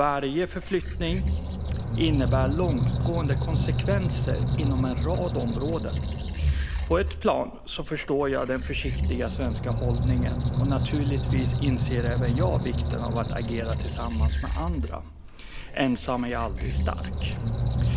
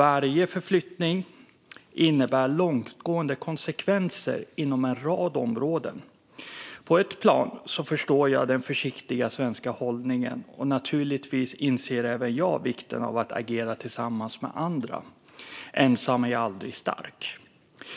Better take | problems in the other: second | background sound (Squeak); 3 dB above the speech

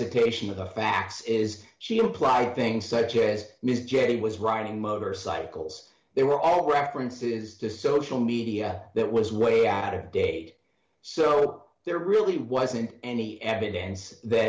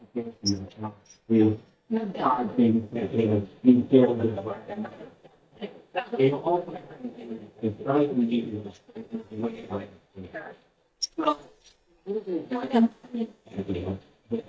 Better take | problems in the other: first | noise reduction (neural mask model DeepFilterNet 3)

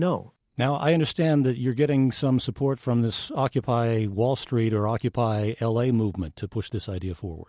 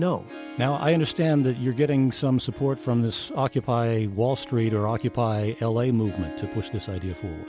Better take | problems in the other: first | background sound (Harp); 17 dB below the speech

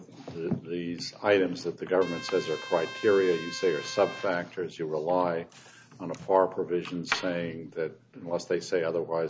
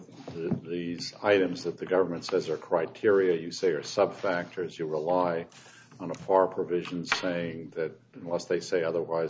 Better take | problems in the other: second | background sound (Trumpet); 13 dB below the speech

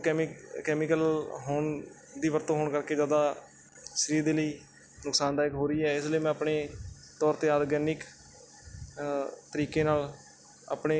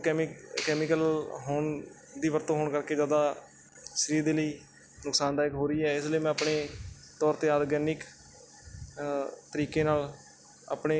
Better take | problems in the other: first | background sound (Clapping); 13 dB below the speech

